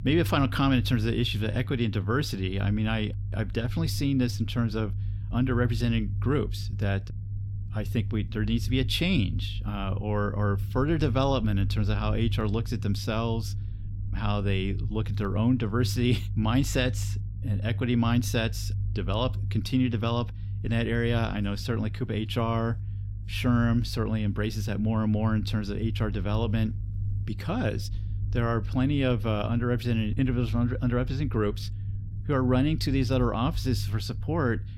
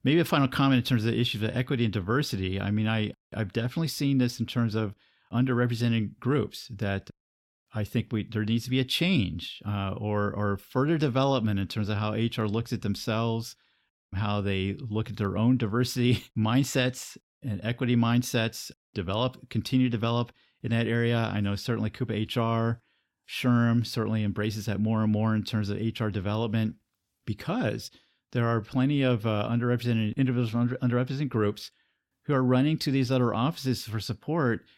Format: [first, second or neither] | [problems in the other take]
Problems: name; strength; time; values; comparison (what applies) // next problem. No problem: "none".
second | low rumble; noticeable; throughout; 15 dB below the speech